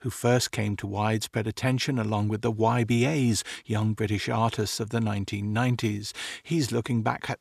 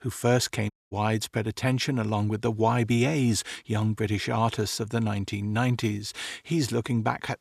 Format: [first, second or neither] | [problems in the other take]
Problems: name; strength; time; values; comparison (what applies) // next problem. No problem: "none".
first | audio cutting out; at 0.5 s